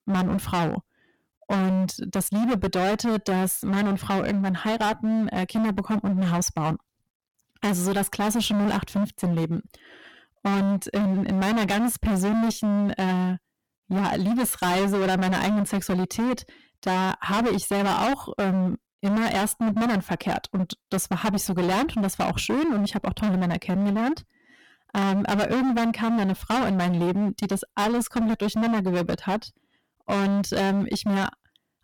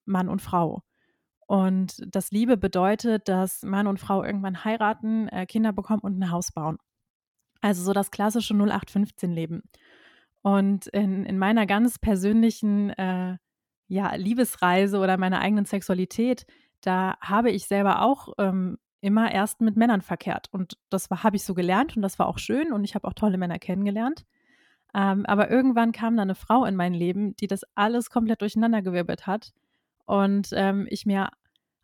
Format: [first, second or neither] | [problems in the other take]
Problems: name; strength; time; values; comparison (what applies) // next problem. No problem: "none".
second | distortion; heavy; 30% of the sound clipped